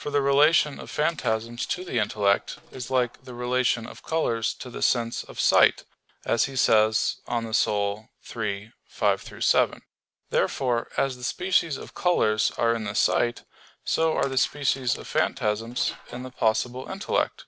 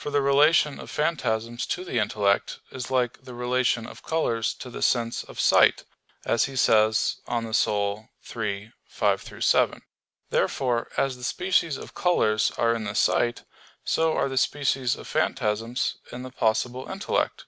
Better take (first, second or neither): second